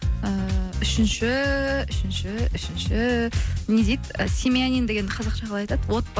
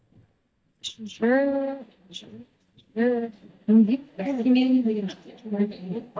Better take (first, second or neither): first